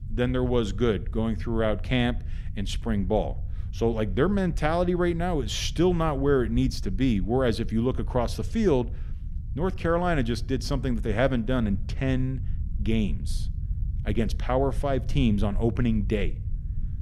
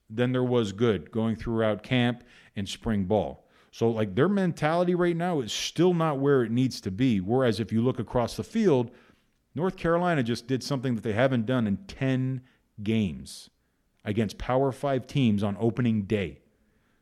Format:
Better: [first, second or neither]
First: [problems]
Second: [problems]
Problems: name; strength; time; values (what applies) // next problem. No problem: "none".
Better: second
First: low rumble; faint; throughout; 25 dB below the speech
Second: none